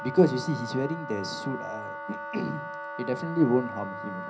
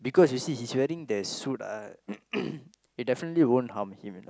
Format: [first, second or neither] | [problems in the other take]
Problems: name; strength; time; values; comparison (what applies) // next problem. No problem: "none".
second | background sound (Wind instrument, woodwind instrument); 9 dB below the speech // room echo; dies away in 0.4 s